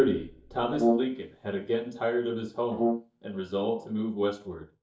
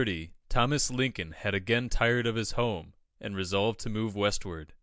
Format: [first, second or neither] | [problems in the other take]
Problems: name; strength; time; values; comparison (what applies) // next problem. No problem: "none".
second | noise reduction (neural mask model DeepFilterNet 3)